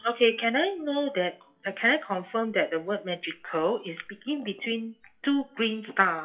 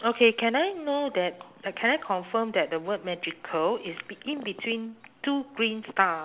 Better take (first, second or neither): second